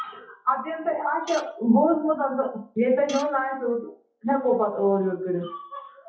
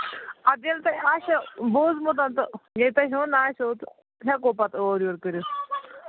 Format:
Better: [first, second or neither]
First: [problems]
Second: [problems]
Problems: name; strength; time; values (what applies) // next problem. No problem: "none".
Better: second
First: noise reduction (classical method WPE with log-MMSE)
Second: none